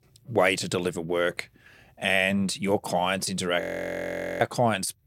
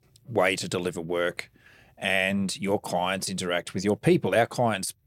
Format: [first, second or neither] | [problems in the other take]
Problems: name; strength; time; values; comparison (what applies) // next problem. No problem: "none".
second | audio freezing; at 3.5 s for 1 s